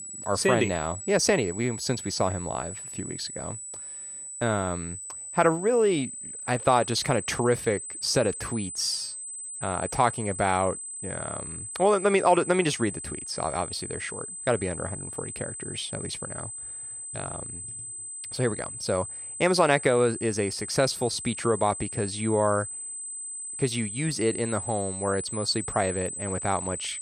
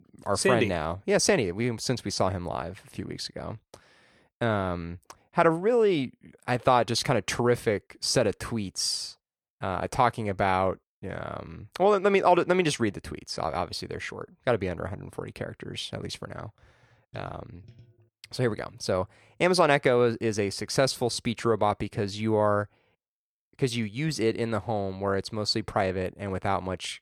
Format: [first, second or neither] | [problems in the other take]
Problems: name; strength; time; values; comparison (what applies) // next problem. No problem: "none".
second | high-pitched whine; loud; throughout; 8 kHz, 8 dB below the speech